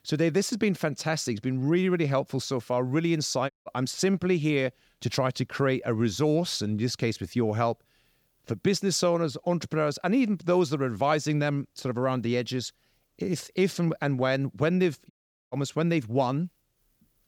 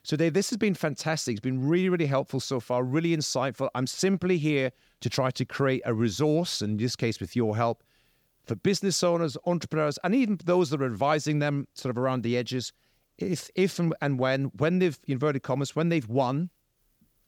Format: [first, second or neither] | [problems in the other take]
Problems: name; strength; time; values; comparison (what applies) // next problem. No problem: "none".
second | audio cutting out; at 3.5 s and at 15 s